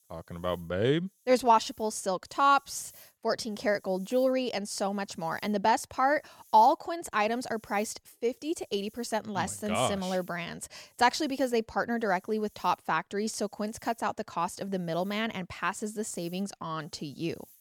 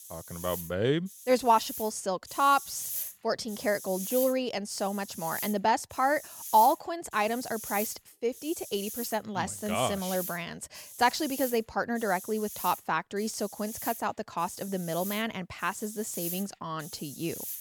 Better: first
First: hiss; faint; throughout; 30 dB below the speech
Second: hiss; loud; throughout; 9 dB below the speech

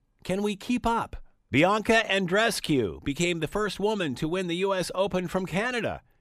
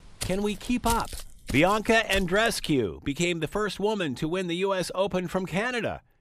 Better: first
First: none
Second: footsteps; noticeable; until 2.5 s; peak 7 dB below the speech

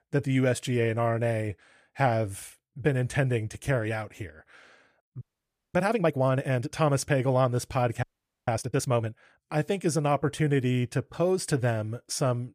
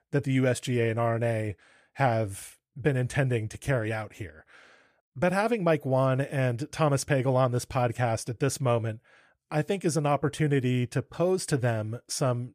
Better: second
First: audio freezing; at 5 s for 0.5 s and at 8 s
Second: none

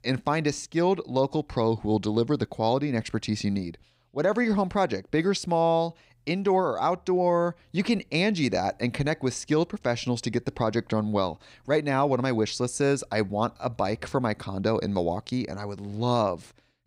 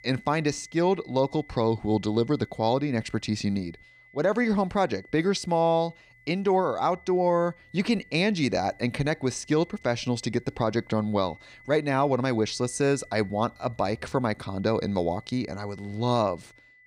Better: first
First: none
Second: high-pitched whine; faint; throughout; 2 kHz, 25 dB below the speech

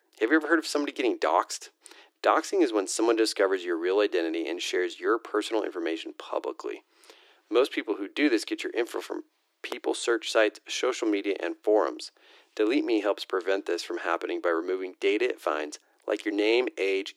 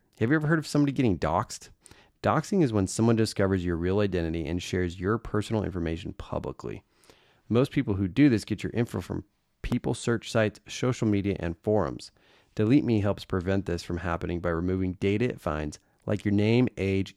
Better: second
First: thin; very; fading below 300 Hz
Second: none

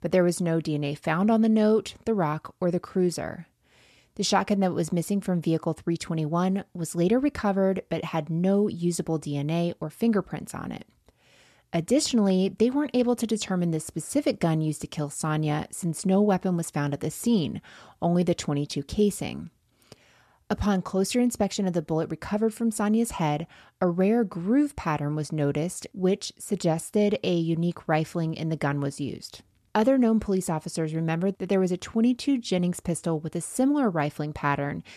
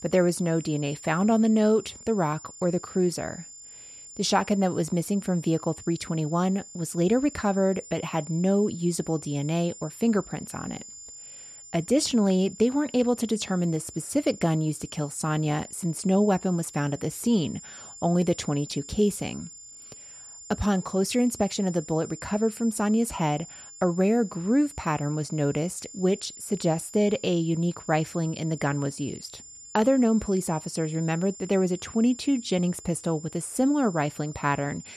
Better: first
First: none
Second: high-pitched whine; noticeable; throughout; 7 kHz, 15 dB below the speech

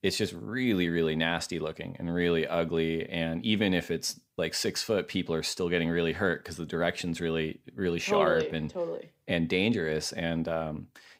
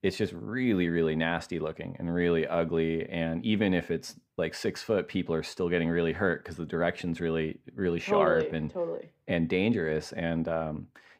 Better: first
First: none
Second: muffled; slightly; fading above 3 kHz

